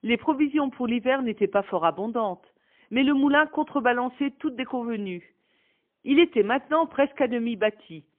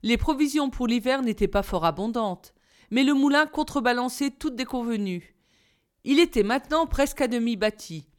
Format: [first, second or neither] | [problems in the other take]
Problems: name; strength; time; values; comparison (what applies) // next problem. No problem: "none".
second | phone-call audio; poor line; nothing above 3 kHz